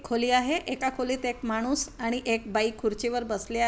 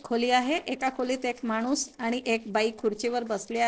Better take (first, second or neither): first